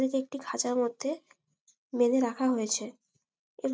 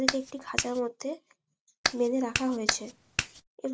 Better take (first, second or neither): first